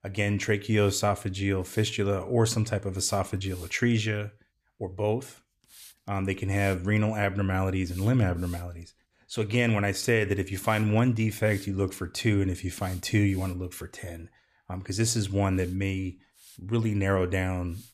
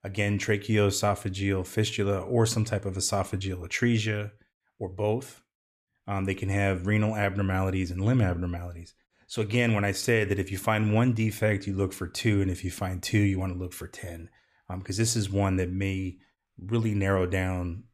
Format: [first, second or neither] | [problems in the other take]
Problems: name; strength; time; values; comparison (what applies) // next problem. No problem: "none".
second | hiss; faint; throughout; 25 dB below the speech